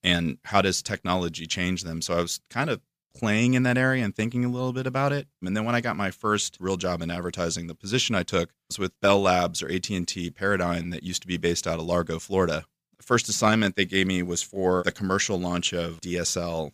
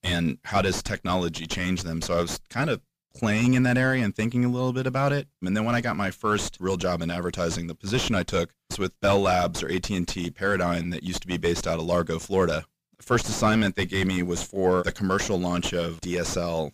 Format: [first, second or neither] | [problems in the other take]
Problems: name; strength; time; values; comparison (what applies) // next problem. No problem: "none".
first | distortion; heavy; 4 dB below the speech